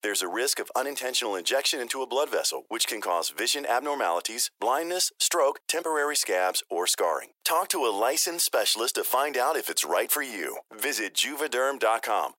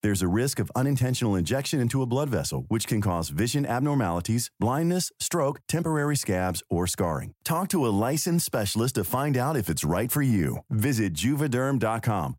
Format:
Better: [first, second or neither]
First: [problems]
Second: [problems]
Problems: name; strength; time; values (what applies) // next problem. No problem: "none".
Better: second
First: thin; very; fading below 400 Hz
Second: none